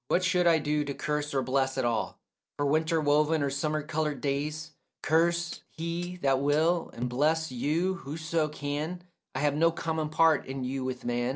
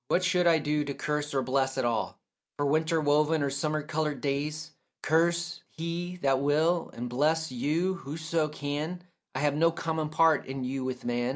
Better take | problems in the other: second | noise reduction (neural separator model SepFormer DNS4)

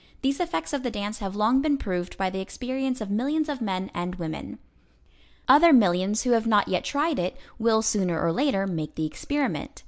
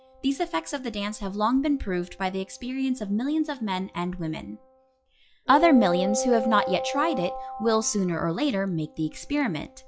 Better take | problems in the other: first | noise reduction (classical method log-MMSE)

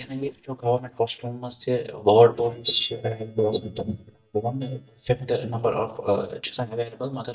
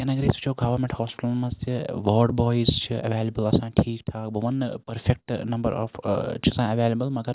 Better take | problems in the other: second | noise reduction (neural mask model DeepFilterNet 3)

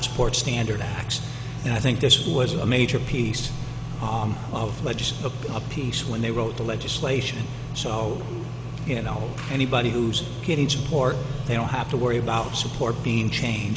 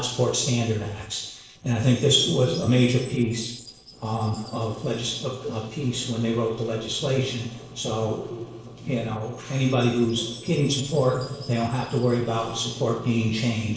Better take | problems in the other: first | noise reduction (neural separator model SepFormer DNS4)

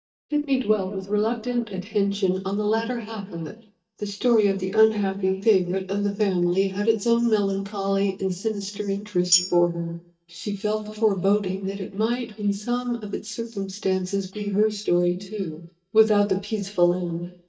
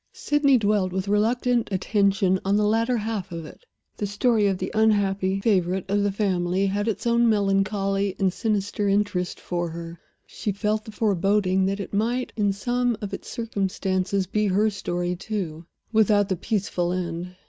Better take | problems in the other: second | noise reduction (neural mask model DeepFilterNet 3)

